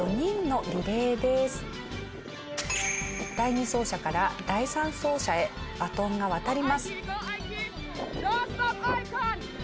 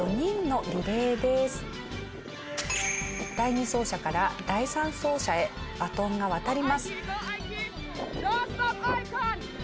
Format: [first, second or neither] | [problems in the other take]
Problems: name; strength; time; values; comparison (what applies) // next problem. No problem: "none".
first | background sound (Bird); 17 dB below the speech